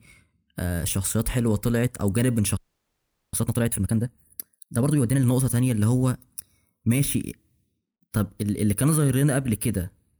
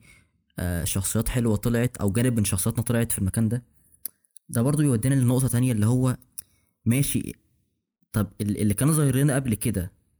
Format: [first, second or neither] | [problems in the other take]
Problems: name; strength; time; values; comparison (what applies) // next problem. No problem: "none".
second | audio freezing; at 2.5 s for 1 s